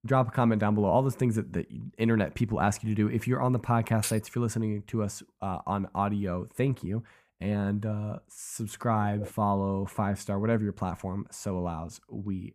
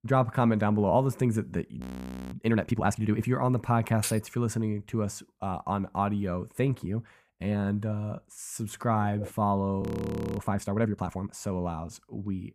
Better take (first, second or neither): first